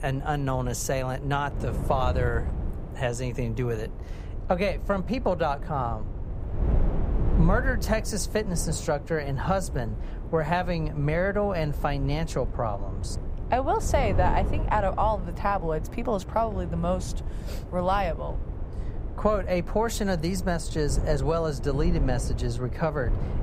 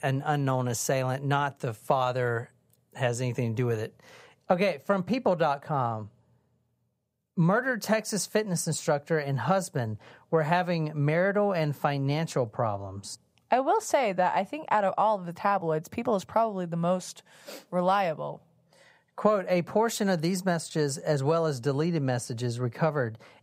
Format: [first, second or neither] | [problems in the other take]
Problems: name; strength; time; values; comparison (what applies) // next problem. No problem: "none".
second | wind noise on the microphone; occasional gusts; 15 dB below the speech